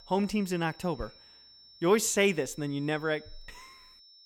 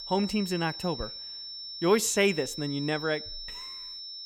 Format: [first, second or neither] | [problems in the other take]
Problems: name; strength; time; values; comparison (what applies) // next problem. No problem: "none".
first | high-pitched whine; loud; throughout; 5.5 kHz, 9 dB below the speech; faint in the first